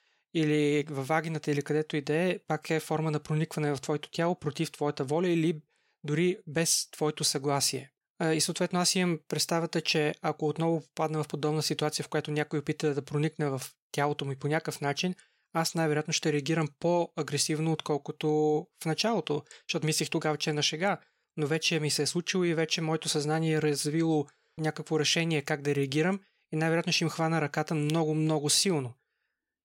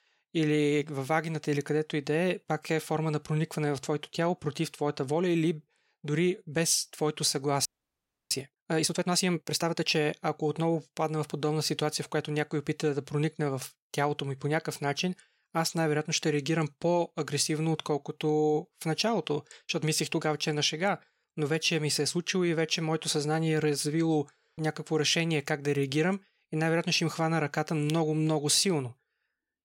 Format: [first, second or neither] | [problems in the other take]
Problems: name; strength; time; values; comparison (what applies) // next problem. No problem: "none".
first | audio freezing; at 7.5 s for 0.5 s